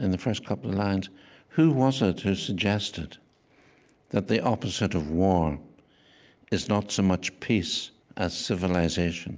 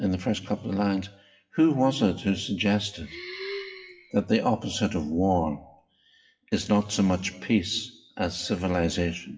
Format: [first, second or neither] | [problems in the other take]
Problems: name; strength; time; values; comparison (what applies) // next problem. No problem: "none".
first | noise reduction (classical method WPE with log-MMSE)